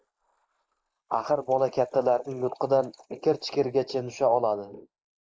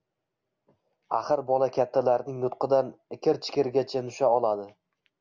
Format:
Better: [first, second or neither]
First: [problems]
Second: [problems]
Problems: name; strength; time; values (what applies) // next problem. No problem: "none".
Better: second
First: noise reduction (neural mask model Resemble Enhance denoiser)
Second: none